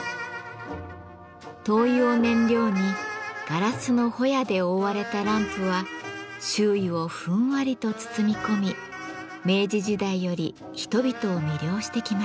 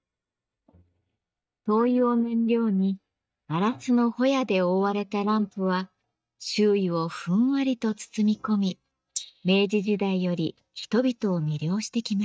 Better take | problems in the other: first | noise reduction (neural mask model DeepFilterNet 3)

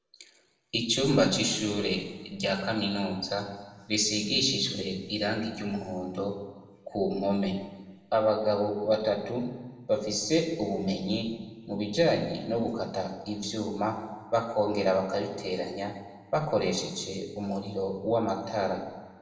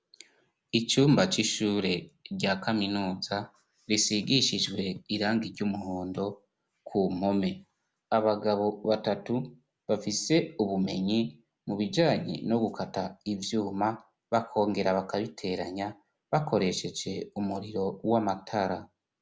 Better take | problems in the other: second | room echo; dies away in 1.2 s

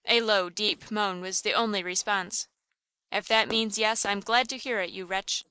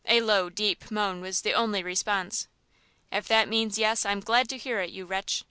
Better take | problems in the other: second | noise reduction (neural mask model Resemble Enhance denoiser)

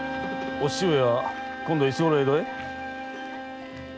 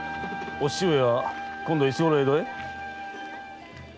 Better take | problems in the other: second | background sound (Bowed string instrument); 11 dB below the speech

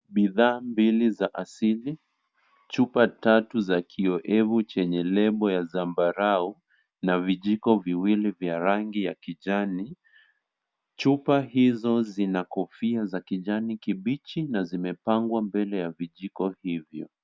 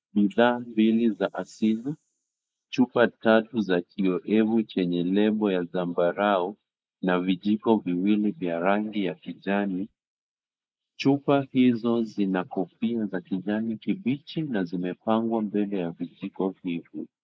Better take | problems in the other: first | noise reduction (neural mask model Resemble Enhance denoiser)

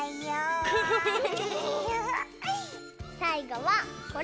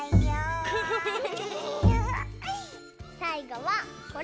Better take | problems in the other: first | background sound (Bowed string instrument); 4 dB above the speech

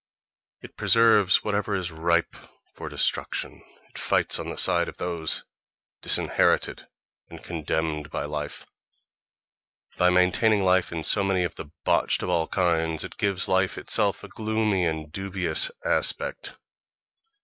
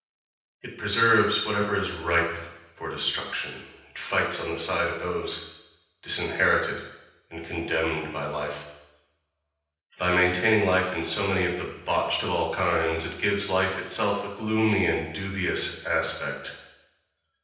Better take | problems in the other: first | room echo; dies away in 0.9 s

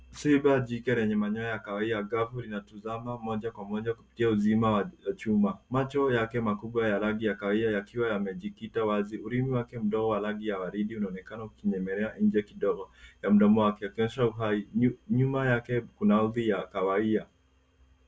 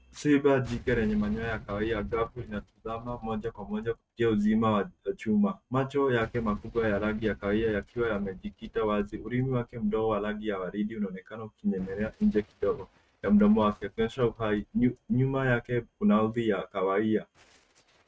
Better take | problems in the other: first | noise reduction (neural mask model RNNoise)

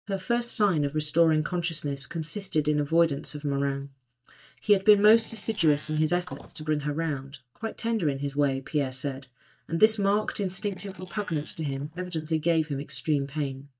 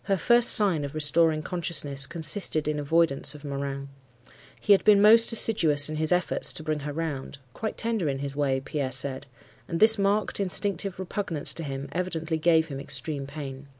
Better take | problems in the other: second | noise reduction (neural mask model DeepFilterNet 3)

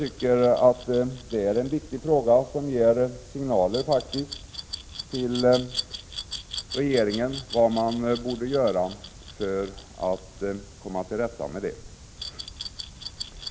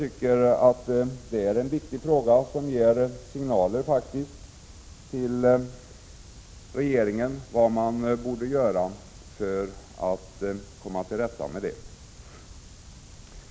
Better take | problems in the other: second | background sound (Glass); 15 dB below the speech

